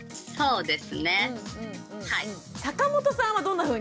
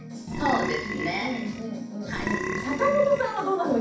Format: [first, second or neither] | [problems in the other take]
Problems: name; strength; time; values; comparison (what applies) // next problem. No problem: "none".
first | background sound (Burping, eructation); 6 dB below the speech // room echo; dies away in 0.6 s